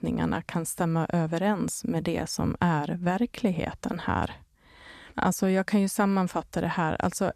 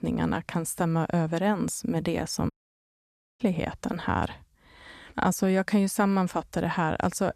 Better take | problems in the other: first | audio cutting out; at 2.5 s for 1 s

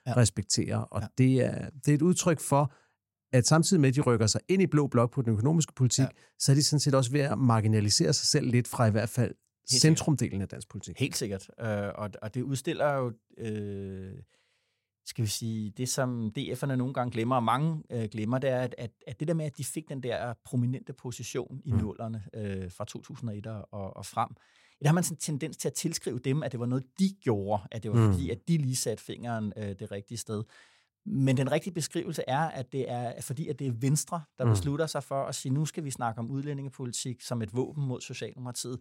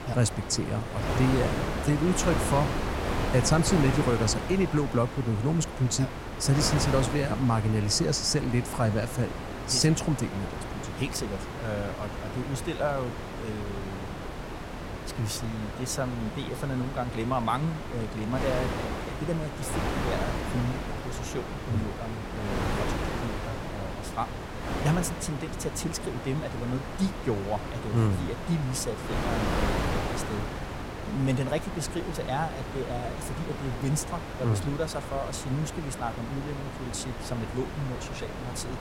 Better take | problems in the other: first | wind noise on the microphone; heavy; 2 dB below the speech

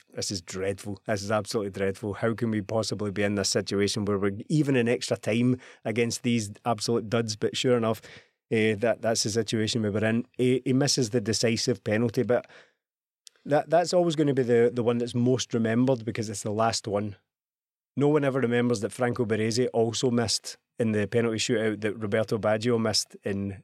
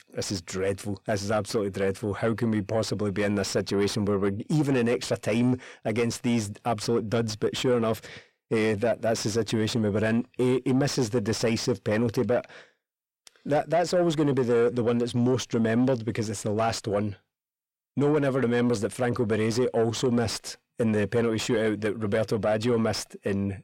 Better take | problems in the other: first | distortion; slight; 10 dB below the speech

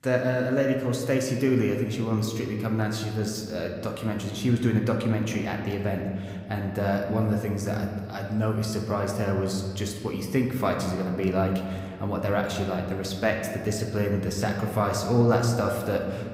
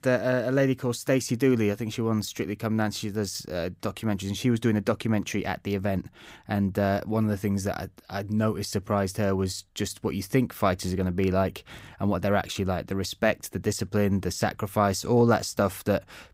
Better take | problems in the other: second | room echo; slight; dies away in 1.7 s

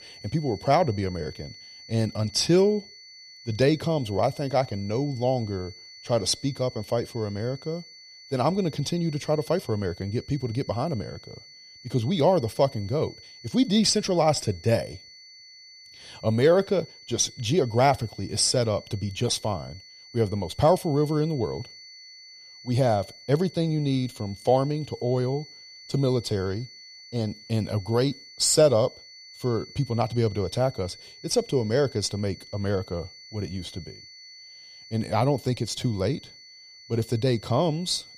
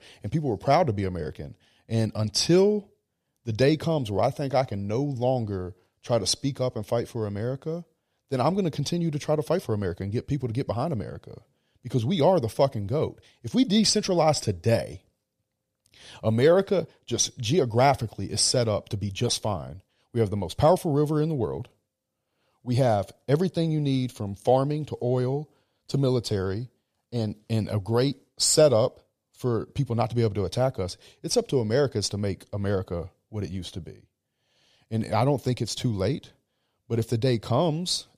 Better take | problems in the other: second | high-pitched whine; noticeable; throughout; 4.5 kHz, 20 dB below the speech

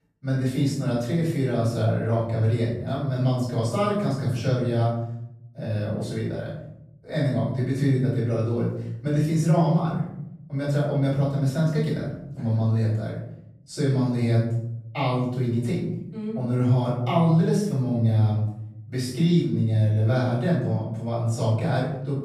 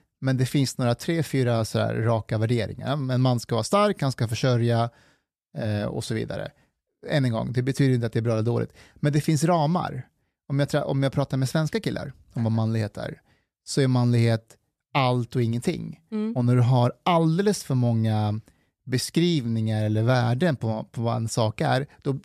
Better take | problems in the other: second | off-mic speech; far // room echo; noticeable; dies away in 0.9 s

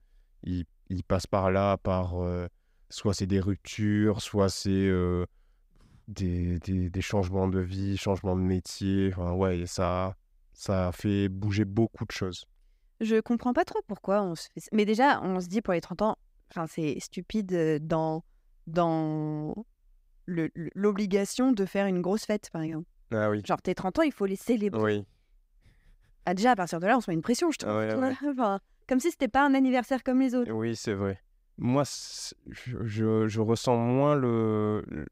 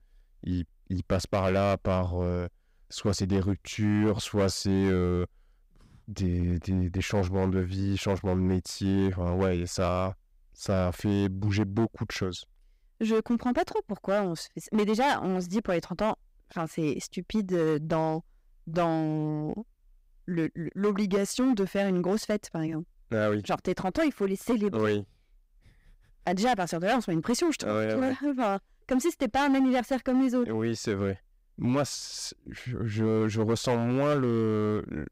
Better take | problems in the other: first | distortion; slight; 7% of the sound clipped

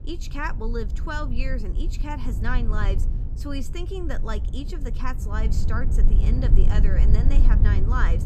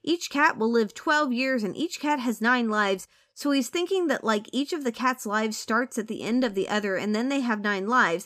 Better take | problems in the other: second | low rumble; loud; throughout; 8 dB below the speech

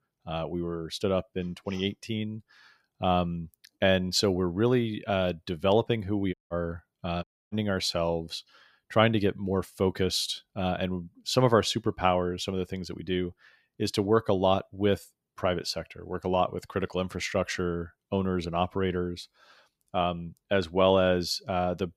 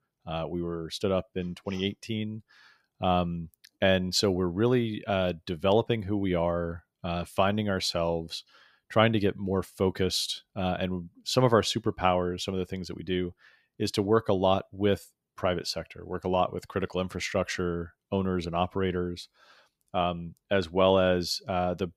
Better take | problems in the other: second | audio cutting out; at 6.5 s and at 7 s

